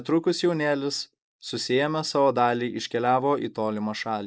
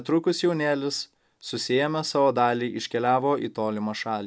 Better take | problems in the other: second | noise reduction (neural mask model Resemble Enhance denoiser)

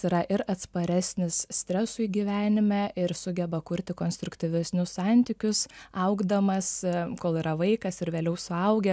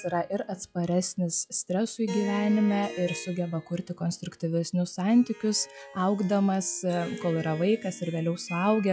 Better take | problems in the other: first | noise reduction (classical method log-MMSE)

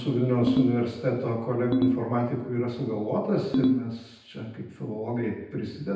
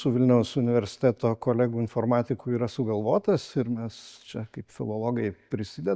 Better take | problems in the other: second | background sound (Ringtone); as loud as the speech // room echo; dies away in 0.9 s

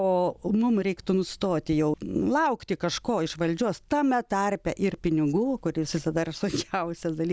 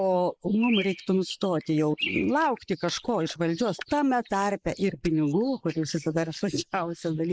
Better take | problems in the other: first | noise reduction (neural mask model Resemble Enhance denoiser)

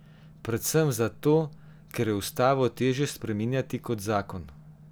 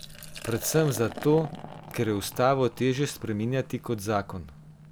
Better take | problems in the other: first | background sound (Liquid); 16 dB below the speech

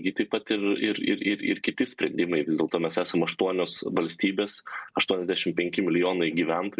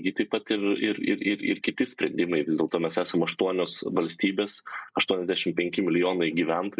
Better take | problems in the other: first | noise reduction (neural mask model Resemble Enhance denoiser)

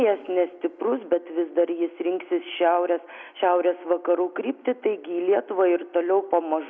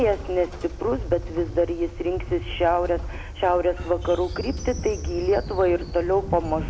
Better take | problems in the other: first | background sound (Train); 8 dB below the speech

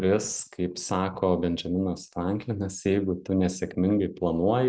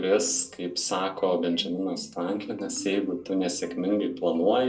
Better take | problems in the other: first | background sound (Marimba, xylophone); 16 dB below the speech // room echo; dies away in 0.2 s

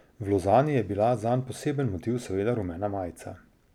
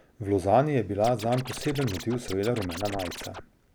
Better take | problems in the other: first | background sound (Scratching (performance technique)); 12 dB below the speech

